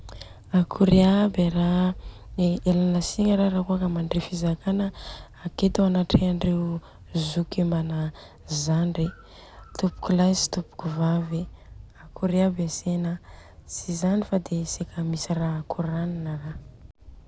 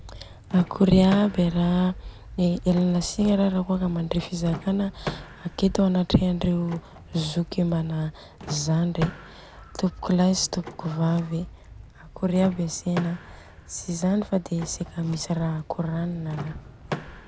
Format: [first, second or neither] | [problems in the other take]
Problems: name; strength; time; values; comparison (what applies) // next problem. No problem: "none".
first | background sound (Door / Car); 16 dB below the speech